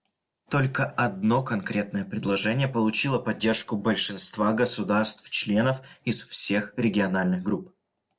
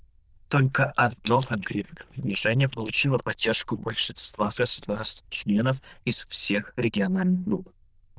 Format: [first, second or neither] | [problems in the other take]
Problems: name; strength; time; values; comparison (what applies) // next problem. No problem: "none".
first | noise reduction (neural diffusion model UNIVERSE++)